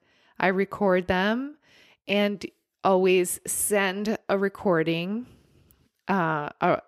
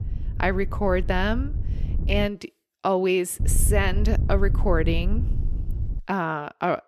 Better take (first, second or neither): first